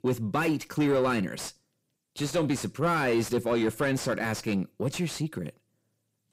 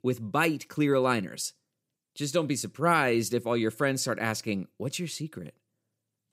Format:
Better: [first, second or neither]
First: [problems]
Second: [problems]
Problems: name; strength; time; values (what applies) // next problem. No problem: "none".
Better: second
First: distortion; heavy; 7 dB below the speech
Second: none